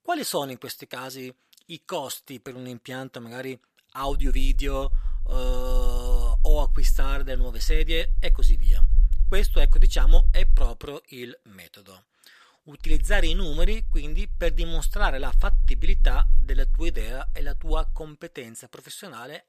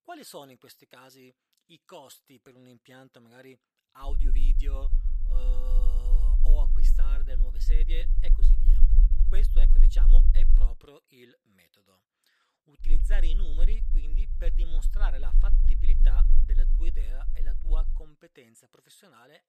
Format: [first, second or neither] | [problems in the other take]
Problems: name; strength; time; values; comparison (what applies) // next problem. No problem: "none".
first | low rumble; loud; from 4 to 11 s and from 13 to 18 s; 6 dB below the speech; faint in the first